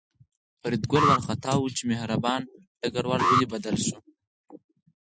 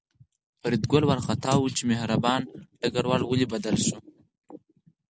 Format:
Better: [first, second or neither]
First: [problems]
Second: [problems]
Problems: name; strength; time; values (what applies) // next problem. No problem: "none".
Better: second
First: noise reduction (classical method Wiener filter)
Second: none